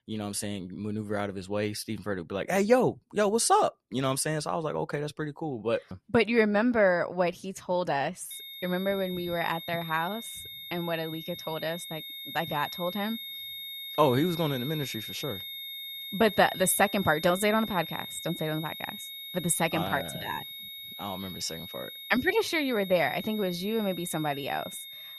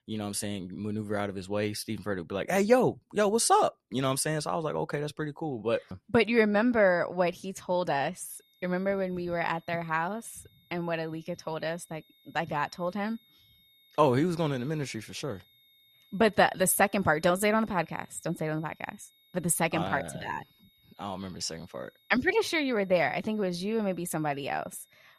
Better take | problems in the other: second | high-pitched whine; loud; from 8.5 s on; 3.5 kHz, 9 dB below the speech; faint in the second

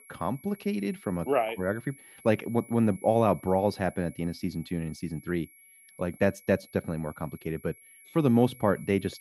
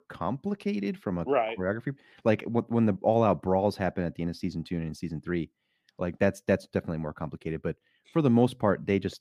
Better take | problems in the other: second | high-pitched whine; faint; throughout; 2 kHz, 20 dB below the speech

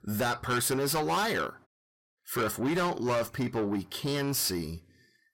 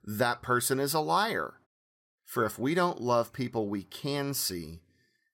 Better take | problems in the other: second | distortion; heavy; 6 dB below the speech

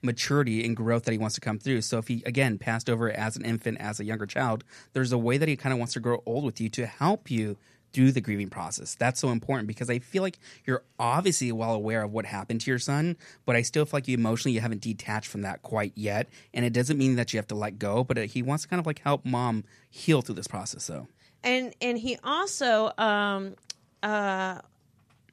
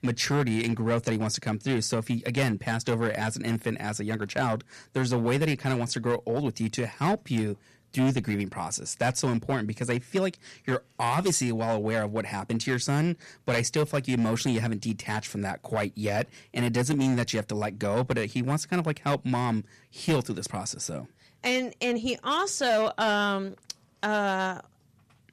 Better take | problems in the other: first | distortion; slight; 6% of the sound clipped

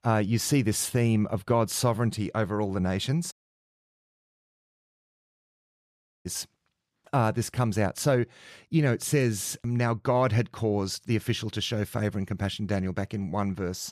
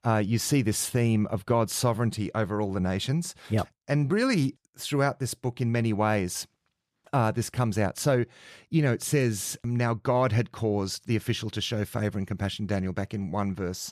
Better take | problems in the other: second | audio cutting out; at 3.5 s for 3 s

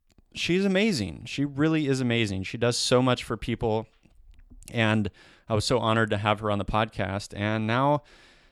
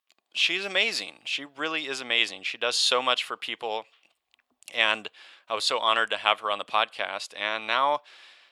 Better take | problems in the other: first | thin; very; fading below 700 Hz

